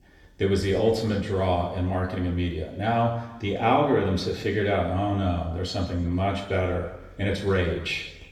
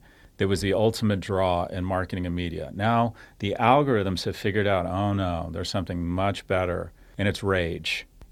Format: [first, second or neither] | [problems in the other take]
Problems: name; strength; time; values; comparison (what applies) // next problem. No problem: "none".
second | room echo; noticeable; dies away in 1 s // off-mic speech; far